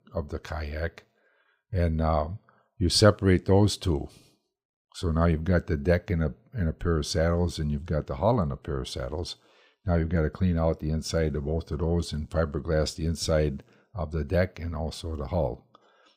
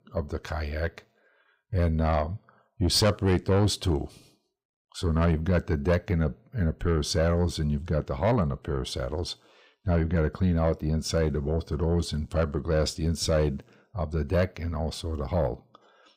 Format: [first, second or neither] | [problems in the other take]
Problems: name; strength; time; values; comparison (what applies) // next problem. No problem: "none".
first | distortion; slight; 10 dB below the speech